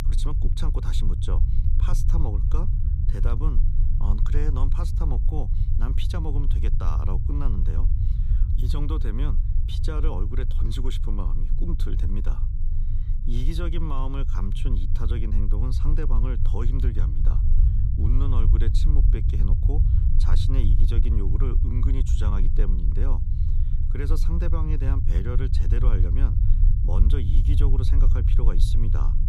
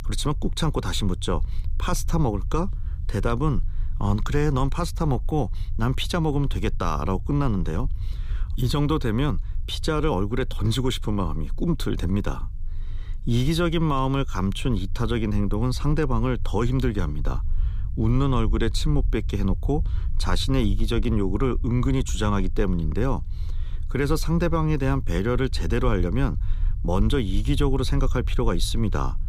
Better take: second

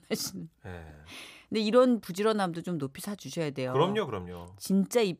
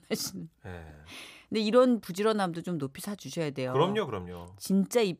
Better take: neither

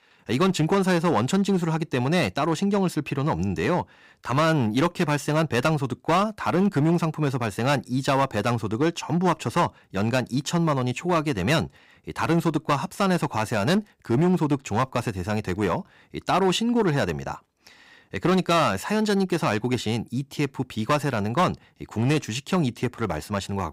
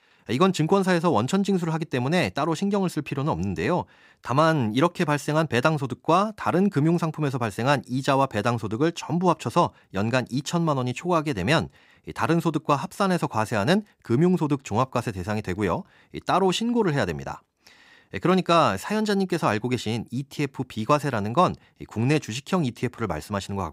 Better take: second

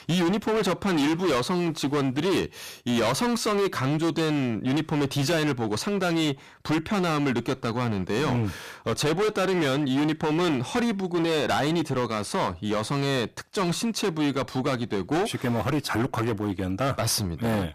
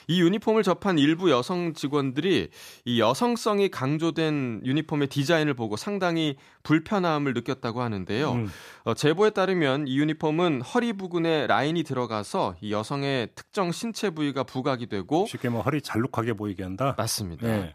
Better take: second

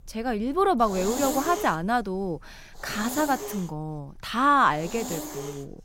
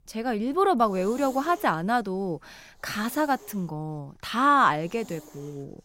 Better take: second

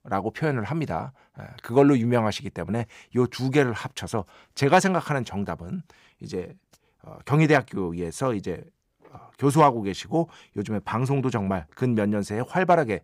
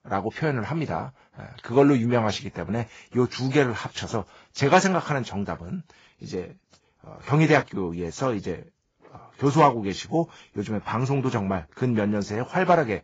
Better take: first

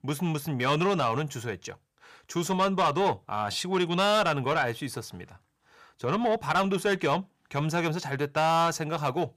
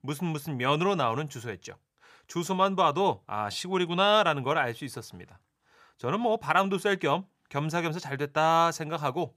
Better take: second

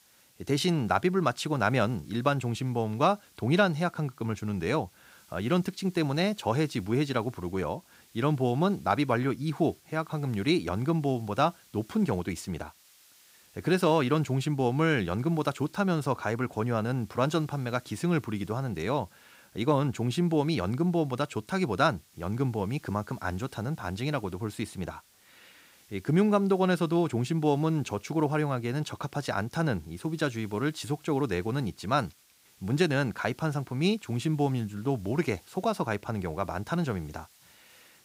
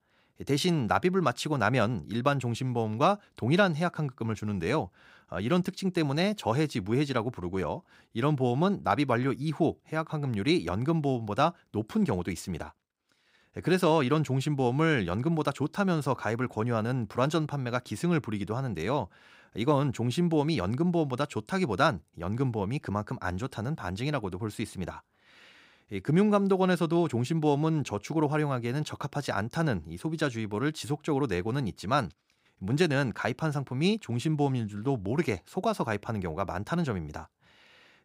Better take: second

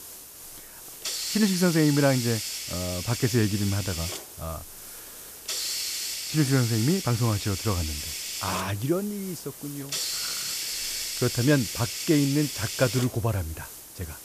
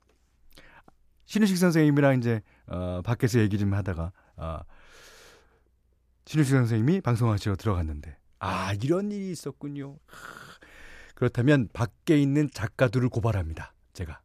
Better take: second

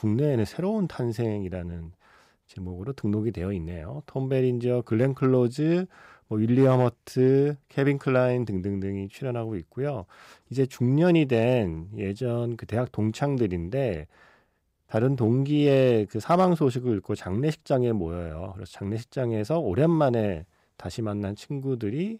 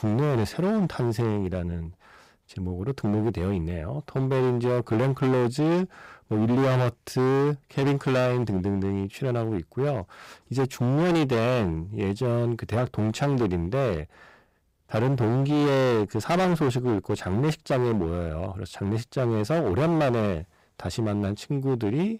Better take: first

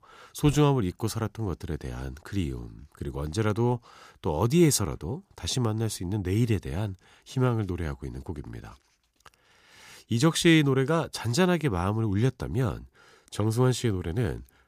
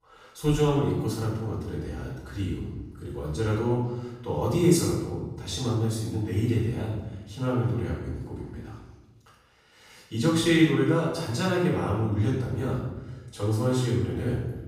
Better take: first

